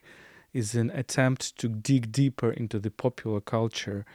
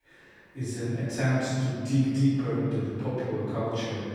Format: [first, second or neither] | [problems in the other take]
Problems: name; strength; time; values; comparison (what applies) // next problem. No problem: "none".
first | off-mic speech; far // room echo; strong; dies away in 2.3 s